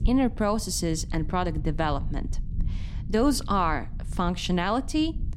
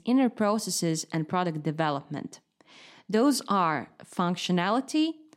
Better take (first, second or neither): second